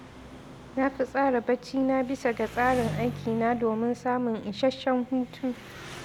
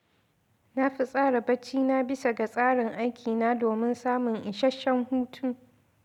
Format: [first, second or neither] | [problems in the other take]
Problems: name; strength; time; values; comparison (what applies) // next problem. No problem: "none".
second | background sound (Engine); 14 dB below the speech